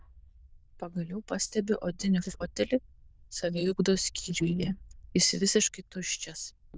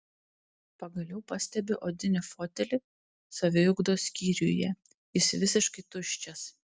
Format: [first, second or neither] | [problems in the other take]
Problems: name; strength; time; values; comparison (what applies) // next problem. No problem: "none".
second | noise reduction (neural diffusion model UNIVERSE++)